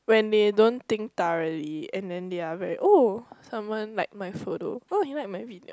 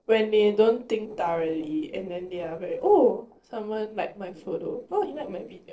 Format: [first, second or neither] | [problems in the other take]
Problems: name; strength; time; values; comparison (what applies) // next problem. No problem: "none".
first | noise reduction (neural separator model SepFormer DNS4)